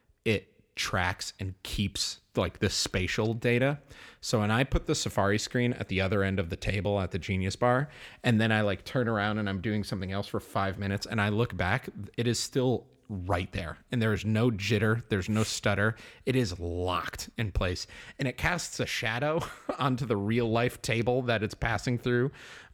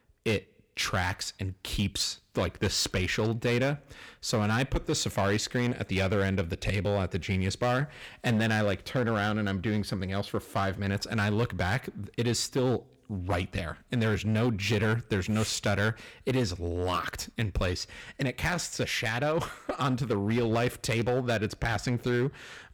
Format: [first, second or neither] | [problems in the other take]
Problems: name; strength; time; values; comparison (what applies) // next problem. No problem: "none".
first | distortion; slight; 7% of the sound clipped